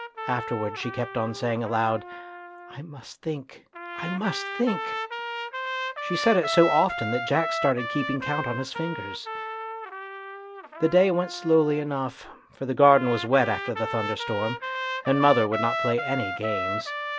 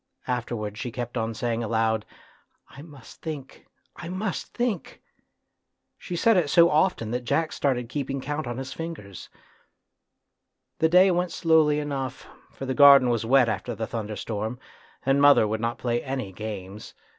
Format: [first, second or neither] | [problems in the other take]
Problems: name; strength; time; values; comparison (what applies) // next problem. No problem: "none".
second | background sound (Trumpet); 7 dB below the speech